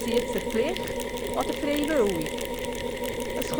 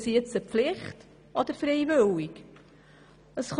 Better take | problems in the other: second | background sound (Mechanisms); 1 dB below the speech

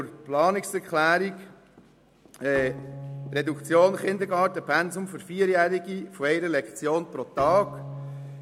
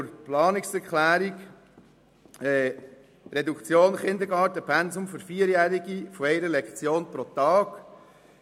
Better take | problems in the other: second | background sound (Bowed string instrument); 16 dB below the speech

